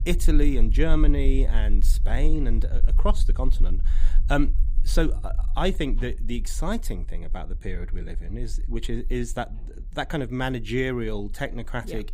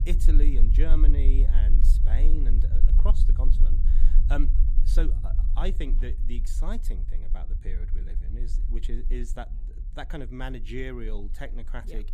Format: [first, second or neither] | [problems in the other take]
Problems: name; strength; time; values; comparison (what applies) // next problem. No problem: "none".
first | low rumble; loud; throughout; 8 dB below the speech; faint in the first